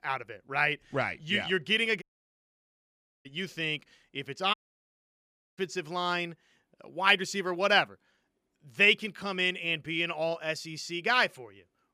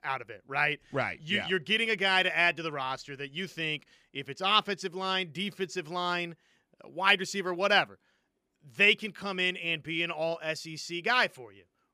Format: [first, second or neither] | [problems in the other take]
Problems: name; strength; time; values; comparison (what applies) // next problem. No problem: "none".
second | audio cutting out; at 2 s for 1 s and at 4.5 s for 1 s